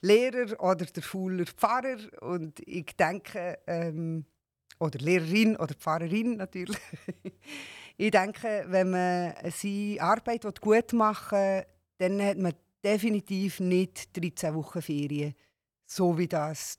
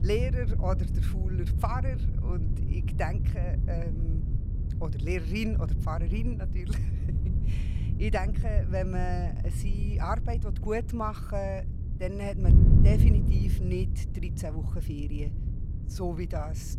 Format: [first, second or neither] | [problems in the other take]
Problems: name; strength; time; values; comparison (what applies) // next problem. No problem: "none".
first | wind noise on the microphone; heavy; 6 dB below the speech